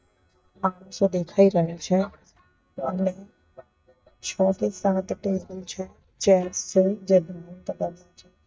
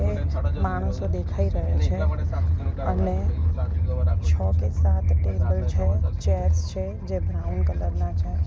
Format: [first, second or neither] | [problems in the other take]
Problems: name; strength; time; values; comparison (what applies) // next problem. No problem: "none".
second | noise reduction (neural mask model DeepFilterNet 3)